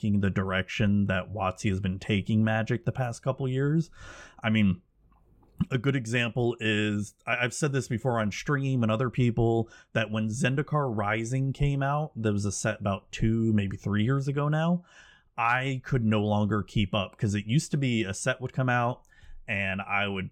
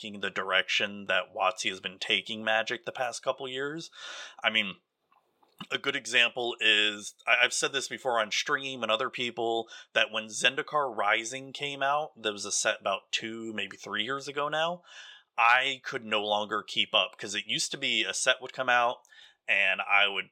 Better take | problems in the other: first | thin; very; fading below 600 Hz

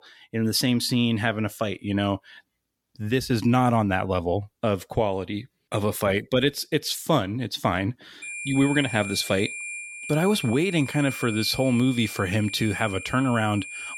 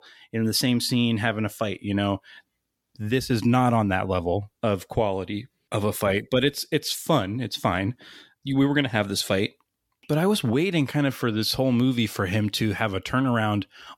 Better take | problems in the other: second | high-pitched whine; loud; from 8 s on; 2.5 kHz, 10 dB below the speech

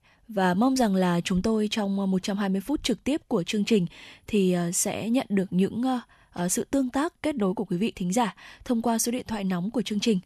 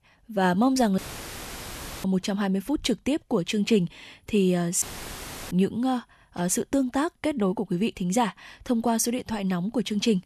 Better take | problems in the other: first | audio cutting out; filled with static; at 1 s for 1 s and at 5 s for 0.5 s

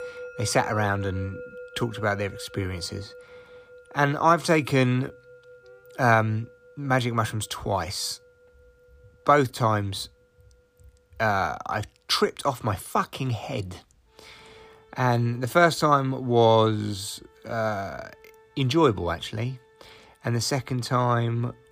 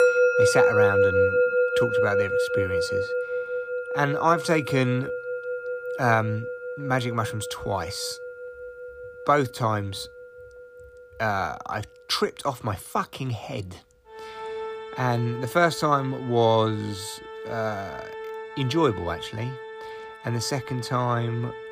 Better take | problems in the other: first | background music; loud; throughout; 1 dB below the speech; faint in the first

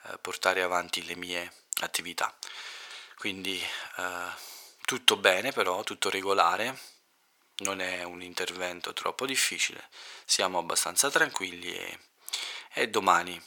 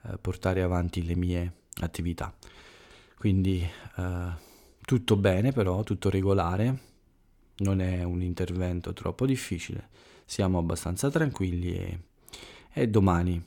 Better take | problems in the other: second | thin; very; fading below 950 Hz

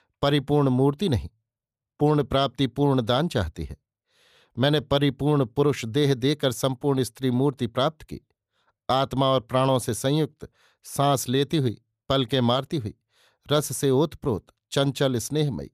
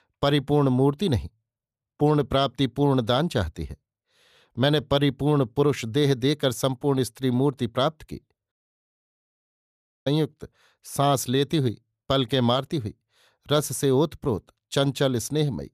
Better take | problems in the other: first | audio cutting out; at 8.5 s for 1.5 s

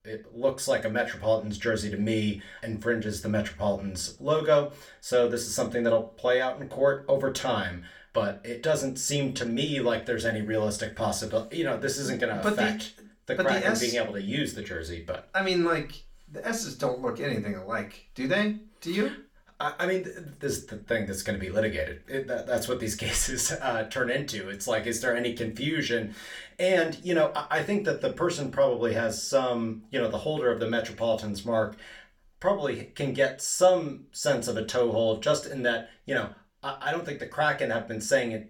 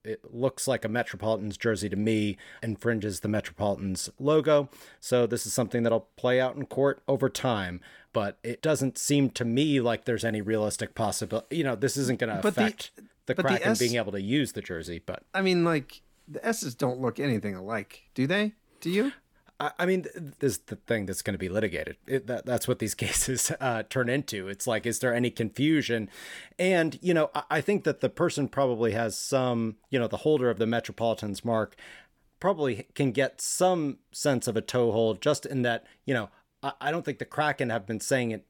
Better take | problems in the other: second | room echo; very slight; dies away in 0.3 s // off-mic speech; far

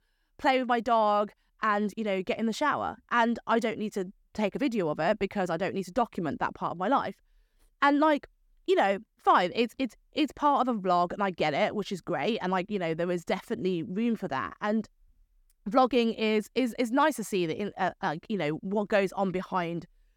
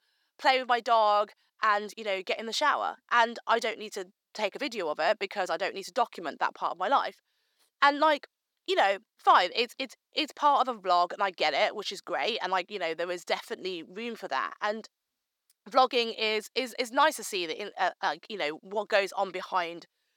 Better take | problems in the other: first | thin; somewhat; fading below 550 Hz

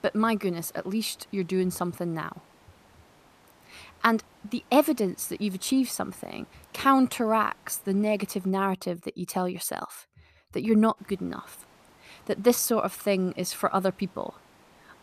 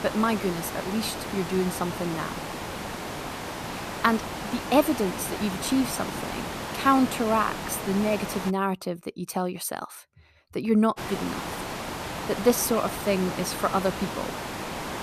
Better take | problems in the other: first | hiss; loud; until 8.5 s and from 11 s on; 7 dB below the speech; faint in the first

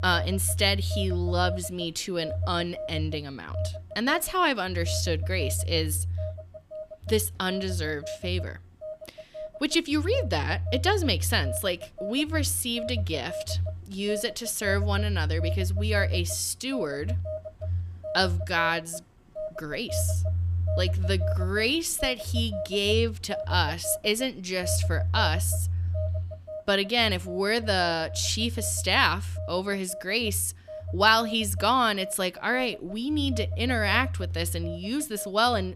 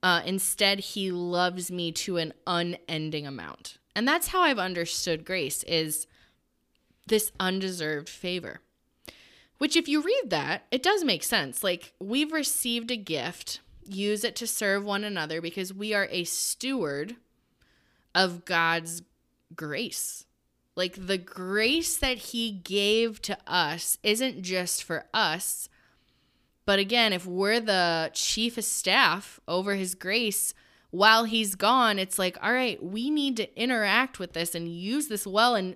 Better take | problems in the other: second | alarms or sirens; loud; throughout; 5 dB below the speech

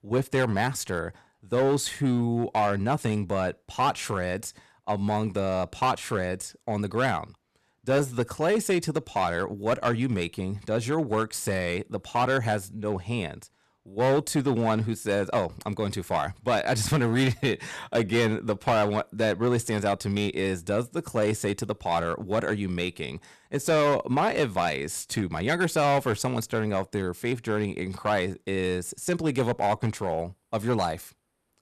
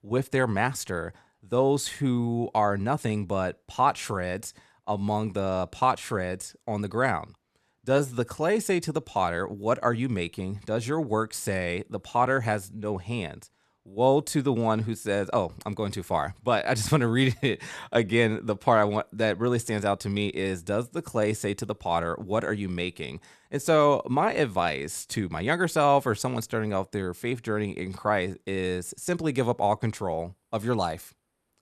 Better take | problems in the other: second | distortion; slight; 5% of the sound clipped

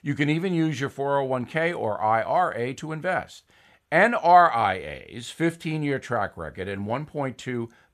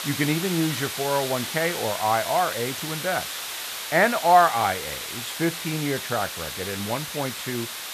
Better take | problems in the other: first | hiss; loud; throughout; 6 dB below the speech

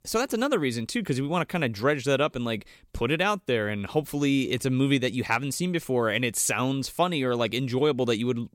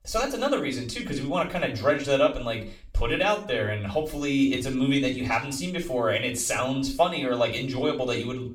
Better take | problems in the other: first | room echo; slight; dies away in 0.3 s // off-mic speech; far

